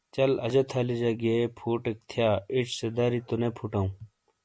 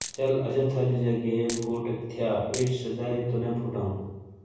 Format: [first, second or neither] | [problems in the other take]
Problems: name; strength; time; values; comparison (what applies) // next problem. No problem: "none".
first | background sound (Coin (dropping)); 10 dB below the speech // room echo; dies away in 1.1 s